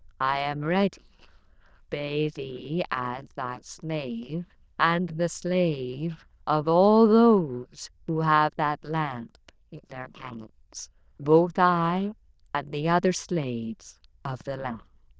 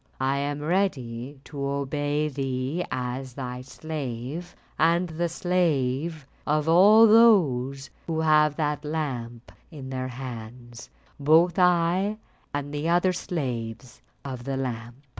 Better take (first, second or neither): second